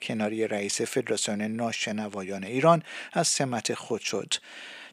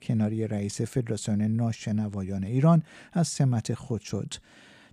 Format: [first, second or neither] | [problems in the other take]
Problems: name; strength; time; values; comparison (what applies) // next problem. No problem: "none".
second | thin; somewhat; fading below 400 Hz